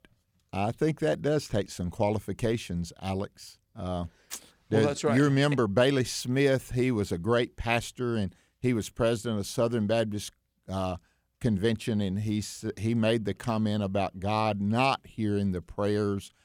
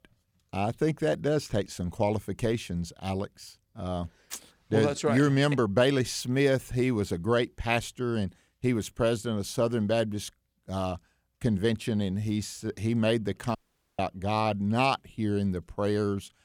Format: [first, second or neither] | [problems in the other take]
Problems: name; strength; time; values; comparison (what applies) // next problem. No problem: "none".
first | audio cutting out; at 14 s